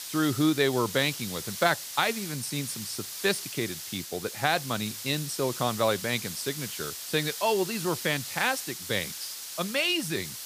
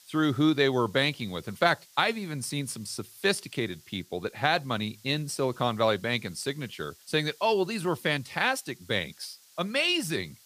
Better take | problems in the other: second | hiss; loud; throughout; 7 dB below the speech; faint in the second

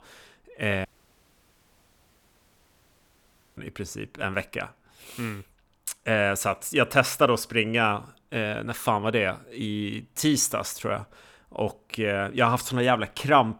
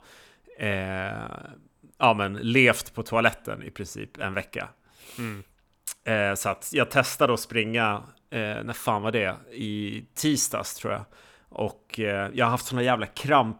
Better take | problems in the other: second | audio cutting out; at 1 s for 2.5 s

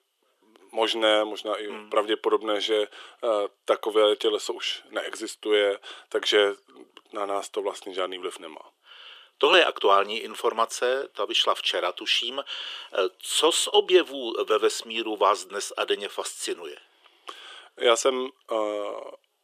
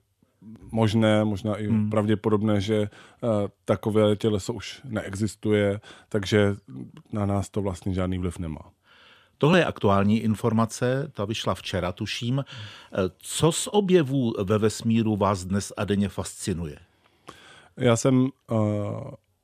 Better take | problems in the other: second | thin; very; fading below 350 Hz

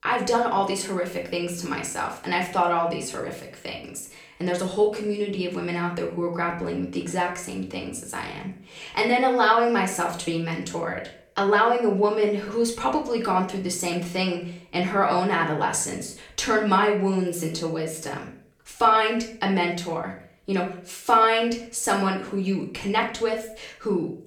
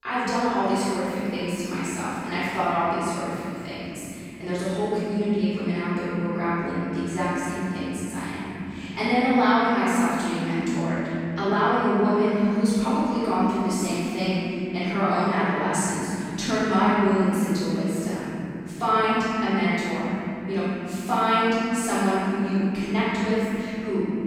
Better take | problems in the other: first | room echo; strong; dies away in 3 s; slight in the first // off-mic speech; far; far in the first

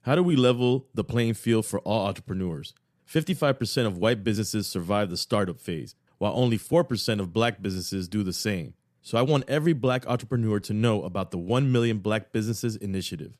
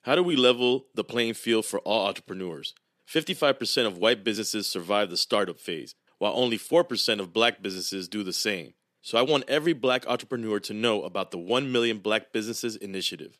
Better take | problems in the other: first | thin; somewhat; fading below 350 Hz

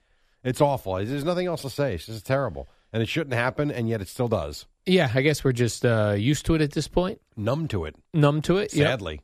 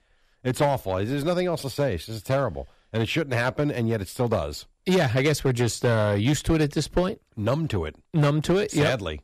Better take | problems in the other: first | distortion; slight; 5% of the sound clipped

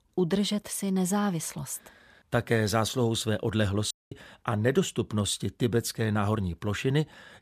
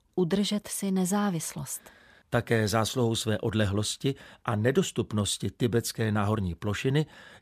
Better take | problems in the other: second | audio cutting out; at 4 s

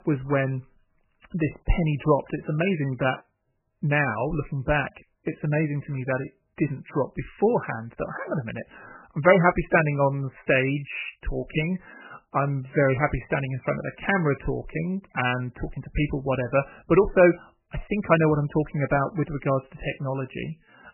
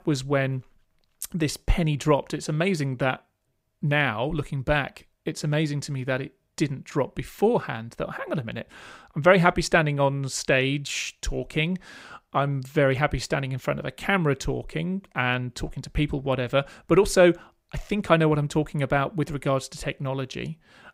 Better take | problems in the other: second | garbled, watery; badly; nothing above 3 kHz

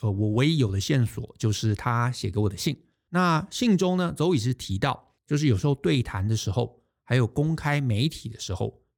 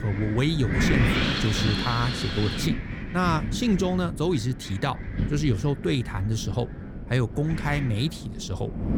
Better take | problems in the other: first | wind noise on the microphone; heavy; as loud as the speech

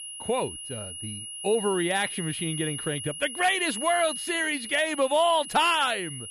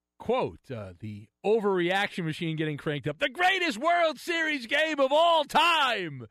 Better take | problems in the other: second | high-pitched whine; loud; throughout; 10.5 kHz, 8 dB below the speech

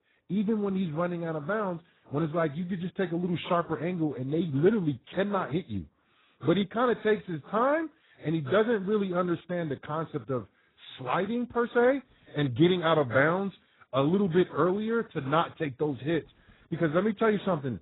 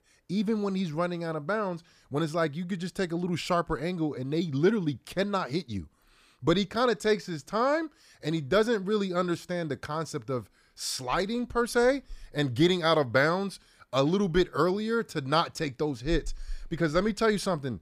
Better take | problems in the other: second | garbled, watery; badly; nothing above 4 kHz

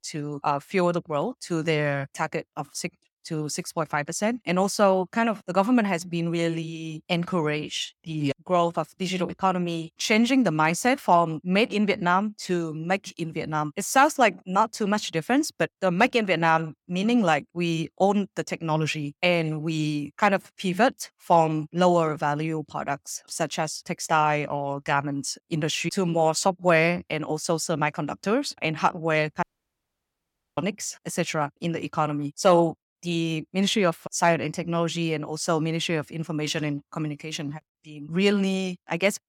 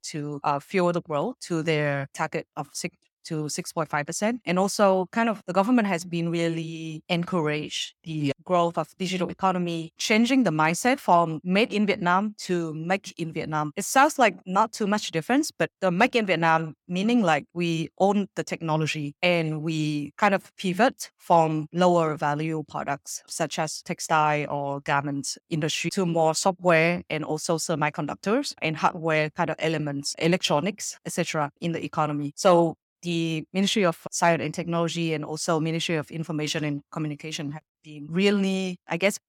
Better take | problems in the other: second | audio cutting out; at 29 s for 1 s

